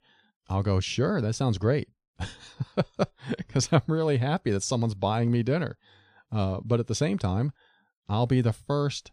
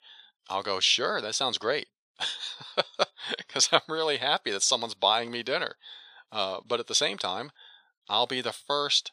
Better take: first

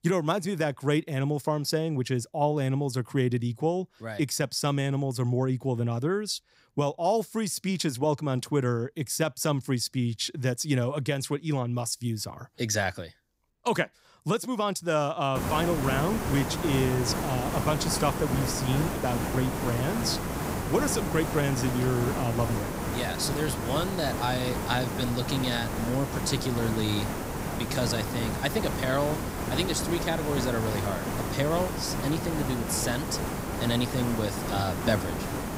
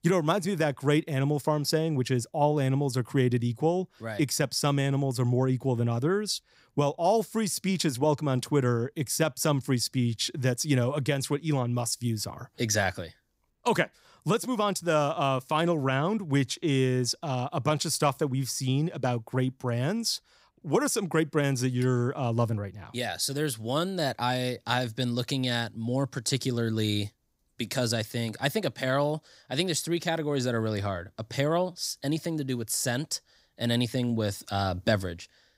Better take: second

